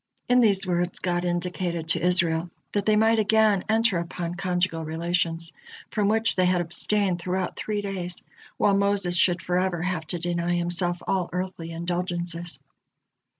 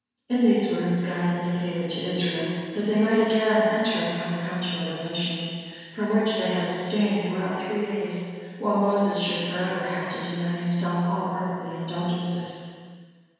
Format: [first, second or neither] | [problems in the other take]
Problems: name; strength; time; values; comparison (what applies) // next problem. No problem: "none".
first | room echo; dies away in 1.9 s